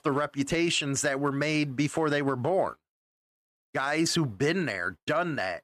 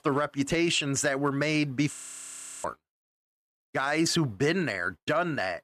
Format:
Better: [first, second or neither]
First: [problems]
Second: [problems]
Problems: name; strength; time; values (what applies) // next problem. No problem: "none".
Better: first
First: none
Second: audio freezing; at 2 s for 0.5 s